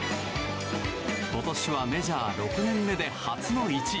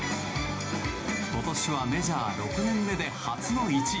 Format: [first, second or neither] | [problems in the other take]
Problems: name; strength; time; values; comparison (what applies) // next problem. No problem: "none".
first | background sound (Bowed string instrument); 20 dB below the speech // room echo; dies away in 0.4 s